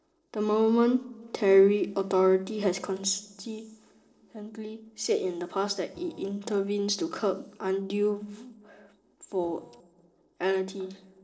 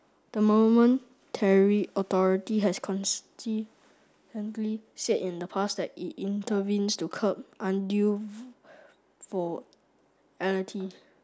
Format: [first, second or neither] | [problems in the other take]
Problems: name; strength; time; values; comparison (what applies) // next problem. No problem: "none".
second | noise reduction (neural separator model SepFormer DNS4)